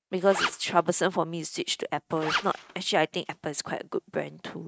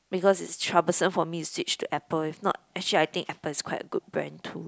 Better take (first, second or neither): second